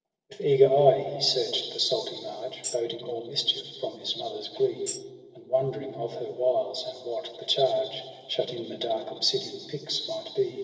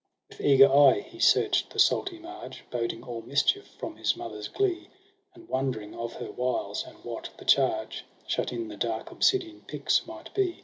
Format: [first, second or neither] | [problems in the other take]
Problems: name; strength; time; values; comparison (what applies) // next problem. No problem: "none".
second | noise reduction (neural separator model SepFormer DNS4)